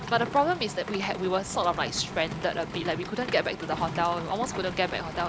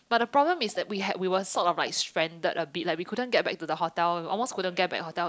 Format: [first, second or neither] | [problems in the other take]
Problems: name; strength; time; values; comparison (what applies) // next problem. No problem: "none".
second | background sound (Rain); 8 dB below the speech